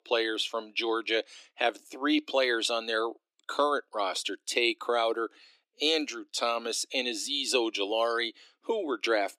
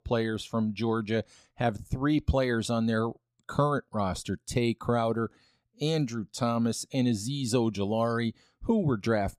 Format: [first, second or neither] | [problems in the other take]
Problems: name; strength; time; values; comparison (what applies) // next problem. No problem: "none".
second | thin; very; fading below 300 Hz